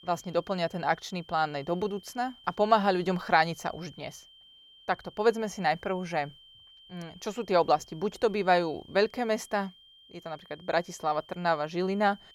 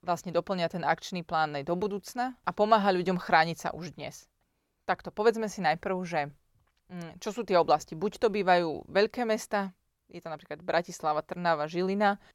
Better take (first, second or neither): second